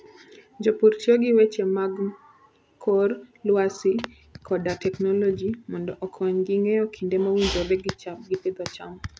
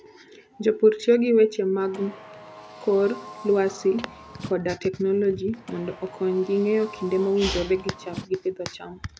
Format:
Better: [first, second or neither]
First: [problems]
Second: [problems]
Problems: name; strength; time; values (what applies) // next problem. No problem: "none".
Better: first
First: none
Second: background sound (Car); 18 dB below the speech